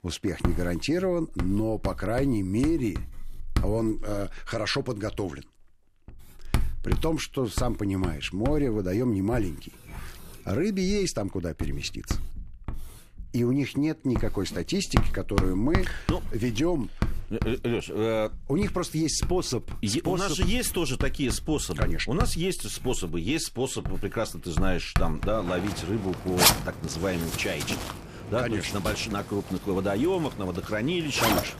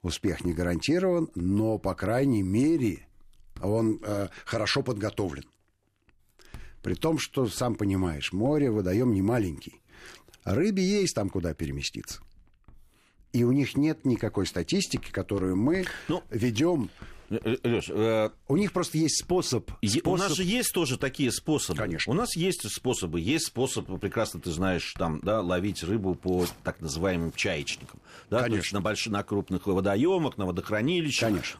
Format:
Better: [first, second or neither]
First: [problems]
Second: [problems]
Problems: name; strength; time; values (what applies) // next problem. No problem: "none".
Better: second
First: household noises; loud; throughout; 4 dB below the speech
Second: household noises; faint; throughout; 25 dB below the speech